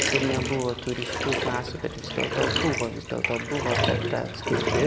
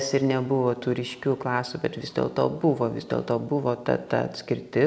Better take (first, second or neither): second